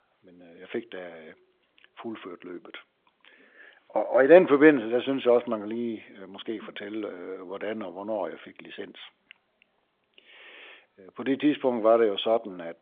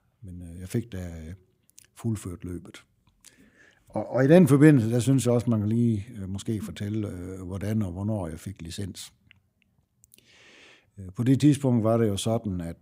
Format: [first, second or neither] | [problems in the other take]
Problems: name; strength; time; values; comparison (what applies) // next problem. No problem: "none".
second | phone-call audio; nothing above 3.5 kHz